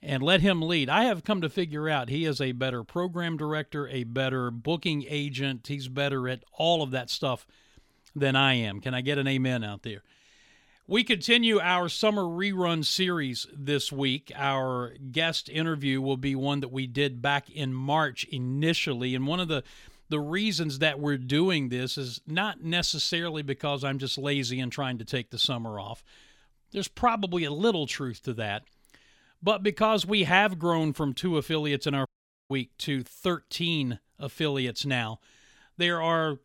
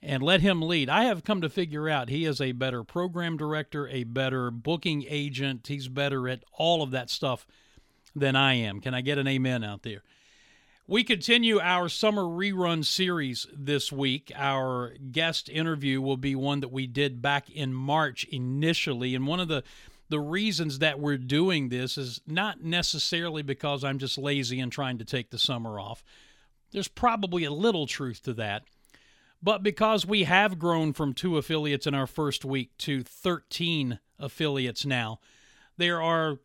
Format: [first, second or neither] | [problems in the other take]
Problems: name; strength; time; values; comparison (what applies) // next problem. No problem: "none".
second | audio cutting out; at 32 s